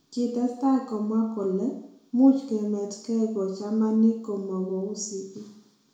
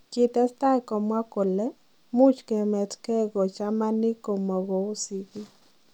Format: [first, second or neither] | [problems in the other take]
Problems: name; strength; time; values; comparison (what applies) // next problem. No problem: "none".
second | room echo; dies away in 0.6 s